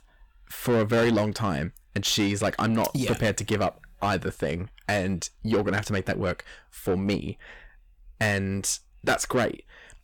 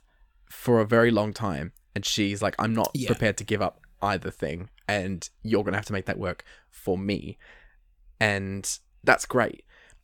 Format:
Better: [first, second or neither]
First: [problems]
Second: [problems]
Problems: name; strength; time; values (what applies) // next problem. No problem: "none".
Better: second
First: distortion; heavy; 8 dB below the speech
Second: none